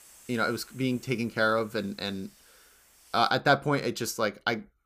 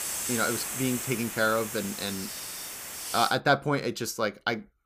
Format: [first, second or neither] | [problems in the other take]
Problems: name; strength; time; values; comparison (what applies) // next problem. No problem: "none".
first | hiss; loud; until 3.5 s; 5 dB below the speech; faint in the first